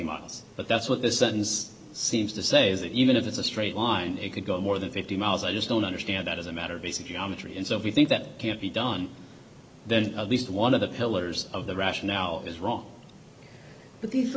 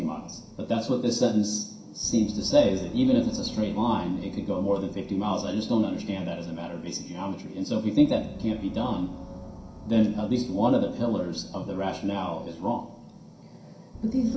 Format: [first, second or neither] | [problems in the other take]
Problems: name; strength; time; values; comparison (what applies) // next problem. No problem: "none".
first | background sound (Gong); 18 dB below the speech // room echo; dies away in 0.5 s